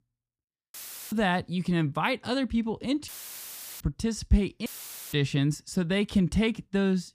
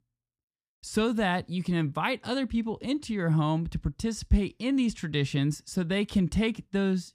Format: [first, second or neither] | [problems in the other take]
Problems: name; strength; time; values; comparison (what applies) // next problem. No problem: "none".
second | audio cutting out; filled with static; at 0.5 s, at 3 s for 0.5 s and at 4.5 s